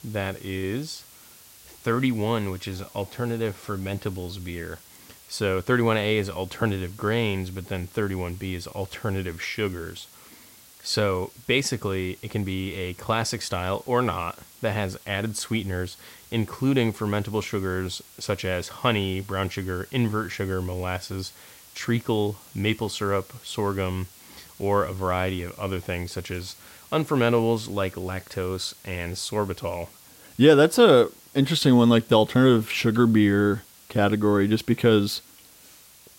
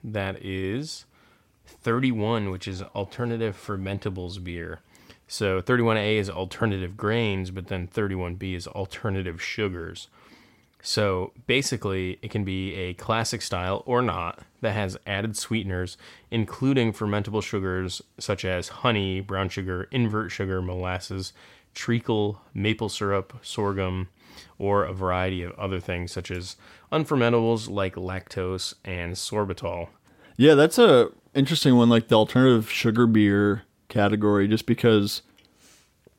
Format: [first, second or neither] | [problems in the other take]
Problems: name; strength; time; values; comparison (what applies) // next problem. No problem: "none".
second | hiss; faint; throughout; 25 dB below the speech